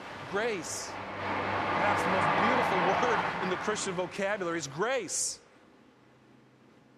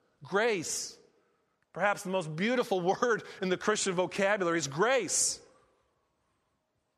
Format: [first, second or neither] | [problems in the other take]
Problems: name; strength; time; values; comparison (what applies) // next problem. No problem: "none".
second | train or aircraft noise; very loud; throughout; 2 dB above the speech